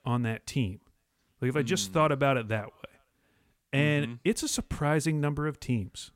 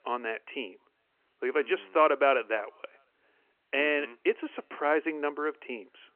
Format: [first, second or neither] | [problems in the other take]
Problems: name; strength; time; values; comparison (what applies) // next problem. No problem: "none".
first | phone-call audio